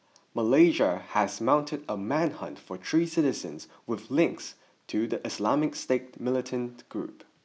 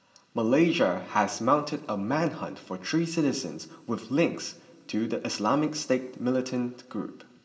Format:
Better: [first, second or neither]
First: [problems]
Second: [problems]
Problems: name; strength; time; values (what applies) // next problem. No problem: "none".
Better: first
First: none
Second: room echo; dies away in 1.6 s